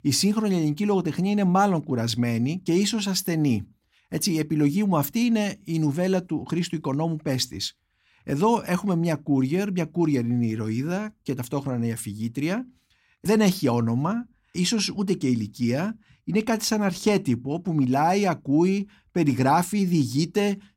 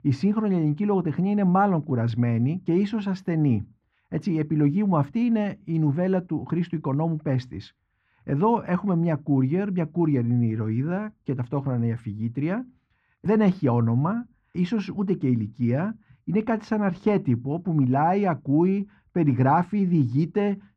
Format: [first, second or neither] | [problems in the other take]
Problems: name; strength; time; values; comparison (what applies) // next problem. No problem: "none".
first | muffled; very; fading above 1.5 kHz